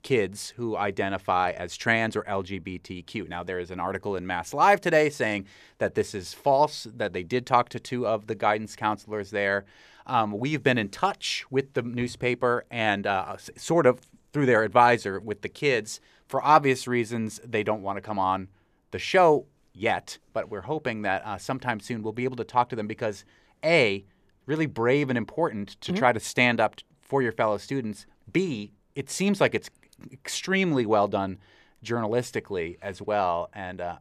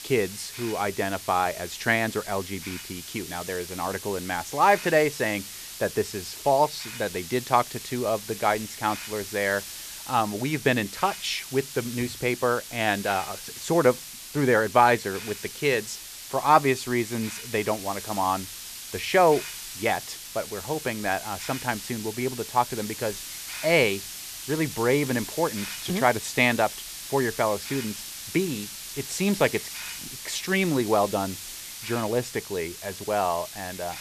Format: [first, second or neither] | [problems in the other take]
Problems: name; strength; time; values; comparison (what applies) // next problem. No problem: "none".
first | hiss; loud; throughout; 10 dB below the speech